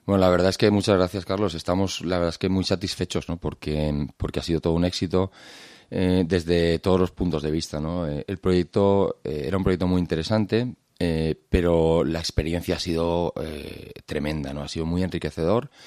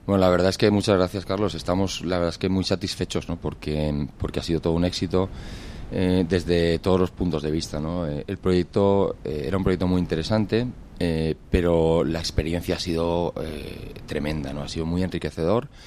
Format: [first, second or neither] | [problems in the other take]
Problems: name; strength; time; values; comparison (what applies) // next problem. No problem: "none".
first | wind noise on the microphone; occasional gusts; 25 dB below the speech